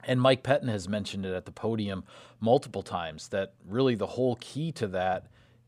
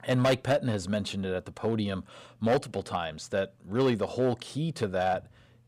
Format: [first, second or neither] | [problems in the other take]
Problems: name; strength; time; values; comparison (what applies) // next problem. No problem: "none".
first | distortion; slight; 4% of the sound clipped